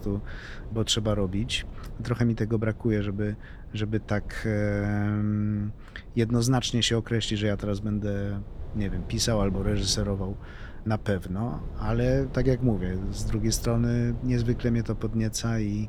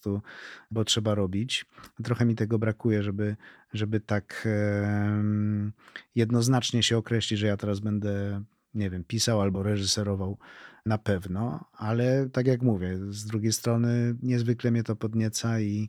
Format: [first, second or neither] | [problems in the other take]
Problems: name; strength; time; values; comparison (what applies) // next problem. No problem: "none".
second | wind noise on the microphone; occasional gusts; 20 dB below the speech